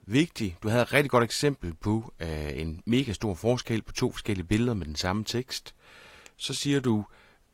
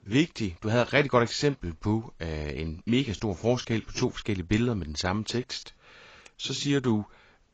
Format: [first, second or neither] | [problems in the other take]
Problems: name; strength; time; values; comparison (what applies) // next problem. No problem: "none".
first | garbled, watery; badly; nothing above 7.5 kHz; slightly in the first